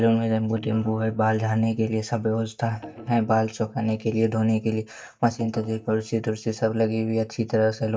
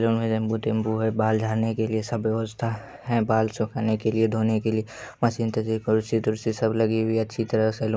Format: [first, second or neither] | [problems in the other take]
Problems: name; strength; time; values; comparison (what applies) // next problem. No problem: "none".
second | noise reduction (neural mask model DeepFilterNet 3)